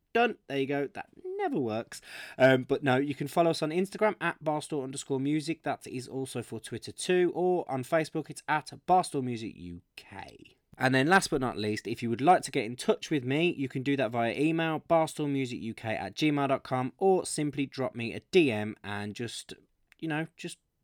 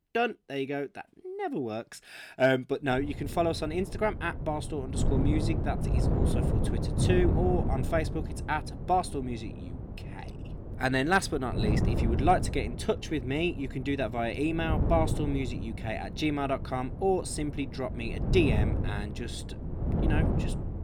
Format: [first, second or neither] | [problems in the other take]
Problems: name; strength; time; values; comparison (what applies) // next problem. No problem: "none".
first | wind noise on the microphone; heavy; from 3 s on; 10 dB below the speech